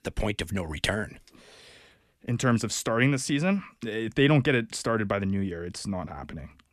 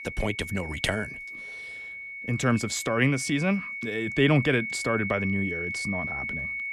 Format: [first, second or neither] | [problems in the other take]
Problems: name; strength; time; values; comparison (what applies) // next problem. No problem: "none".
first | high-pitched whine; loud; throughout; 2 kHz, 6 dB below the speech